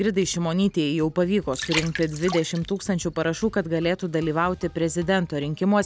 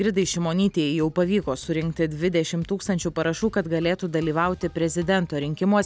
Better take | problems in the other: second | background sound (Water); 13 dB below the speech

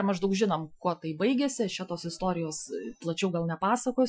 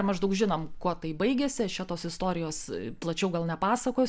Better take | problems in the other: second | noise reduction (classical method Wiener filter)

